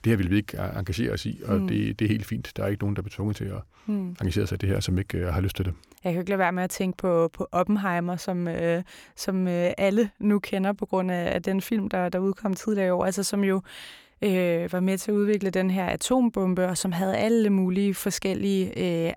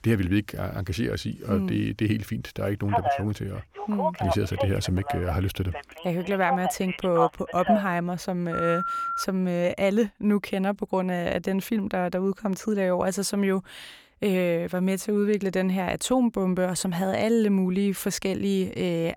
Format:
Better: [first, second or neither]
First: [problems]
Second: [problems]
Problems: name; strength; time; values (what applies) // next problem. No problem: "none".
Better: first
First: none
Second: phone ringing; loud; from 3 to 9 s; peak level with the speech